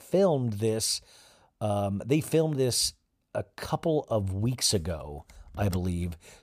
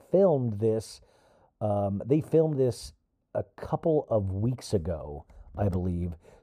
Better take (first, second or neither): first